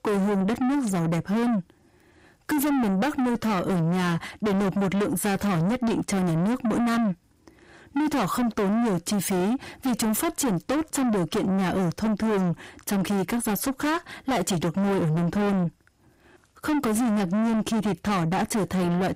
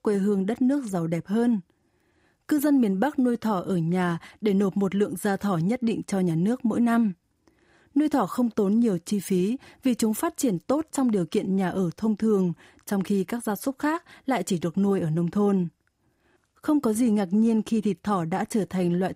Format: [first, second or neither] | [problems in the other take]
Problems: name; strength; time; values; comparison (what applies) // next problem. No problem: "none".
second | distortion; heavy; 7 dB below the speech